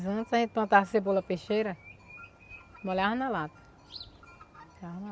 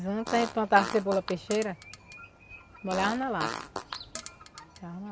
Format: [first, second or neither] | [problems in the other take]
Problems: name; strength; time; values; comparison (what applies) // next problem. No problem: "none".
first | background sound (Fart); 9 dB below the speech